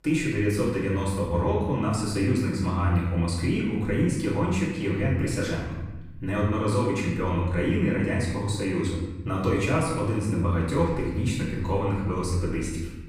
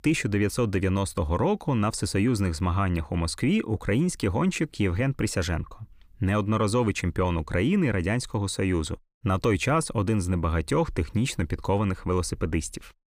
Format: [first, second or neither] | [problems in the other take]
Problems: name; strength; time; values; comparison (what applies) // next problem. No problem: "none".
second | off-mic speech; far // room echo; noticeable; dies away in 1 s